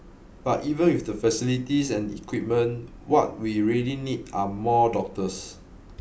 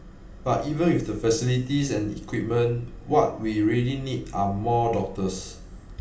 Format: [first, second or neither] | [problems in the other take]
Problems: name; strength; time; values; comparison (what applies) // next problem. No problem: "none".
first | room echo; dies away in 0.8 s